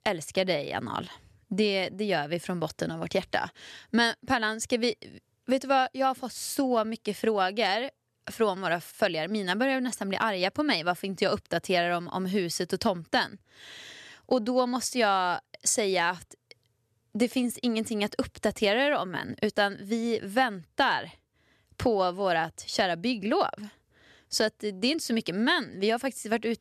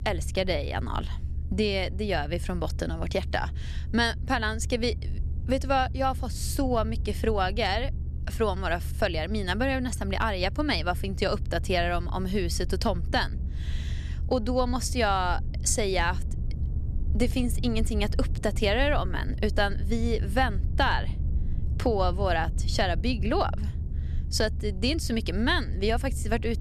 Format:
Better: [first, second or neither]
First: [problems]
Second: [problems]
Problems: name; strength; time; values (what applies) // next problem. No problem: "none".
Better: first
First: none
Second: low rumble; faint; throughout; 20 dB below the speech